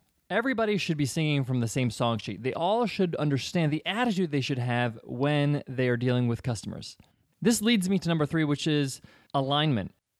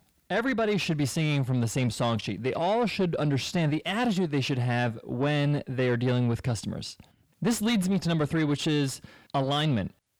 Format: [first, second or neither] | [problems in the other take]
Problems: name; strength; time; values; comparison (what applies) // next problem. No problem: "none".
first | distortion; slight; 10 dB below the speech